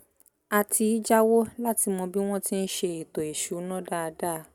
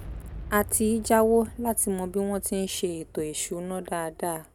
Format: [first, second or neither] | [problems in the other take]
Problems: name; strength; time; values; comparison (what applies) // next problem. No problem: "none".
first | background sound (Boom); 16 dB below the speech